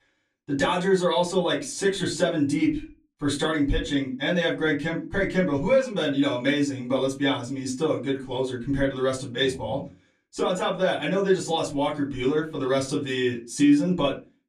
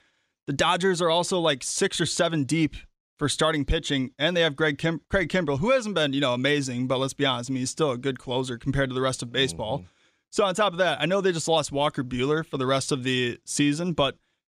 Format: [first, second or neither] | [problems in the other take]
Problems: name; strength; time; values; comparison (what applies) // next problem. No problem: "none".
second | off-mic speech; far // room echo; very slight; dies away in 0.3 s